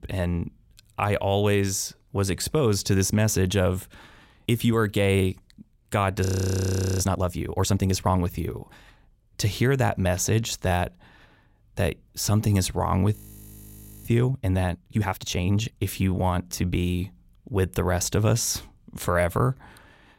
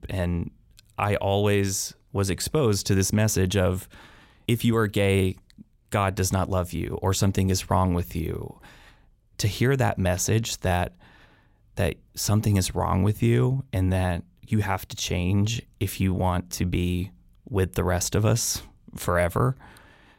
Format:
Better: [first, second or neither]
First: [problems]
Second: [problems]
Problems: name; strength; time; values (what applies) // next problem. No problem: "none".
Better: second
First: audio freezing; at 6.5 s for 1 s and at 13 s for 1 s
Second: none